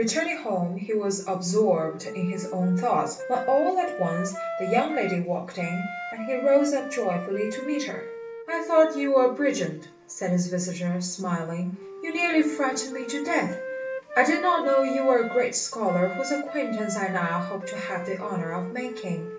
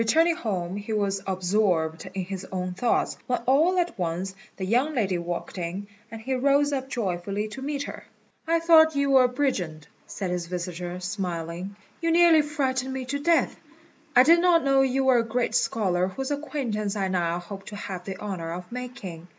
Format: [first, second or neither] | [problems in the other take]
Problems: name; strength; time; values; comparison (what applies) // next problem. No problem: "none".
second | background sound (Wind instrument, woodwind instrument); 10 dB below the speech // room echo; dies away in 0.3 s